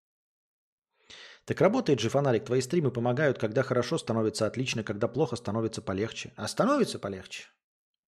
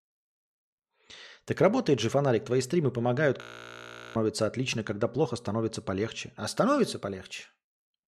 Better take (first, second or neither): first